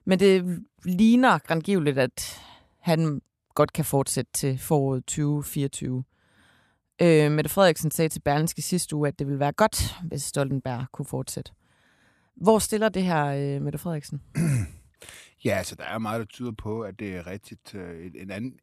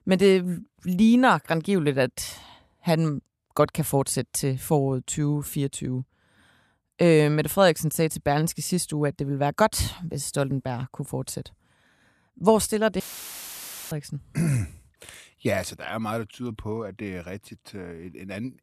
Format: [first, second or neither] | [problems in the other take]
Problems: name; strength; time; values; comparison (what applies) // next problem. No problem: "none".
first | audio cutting out; filled with static; at 13 s for 1 s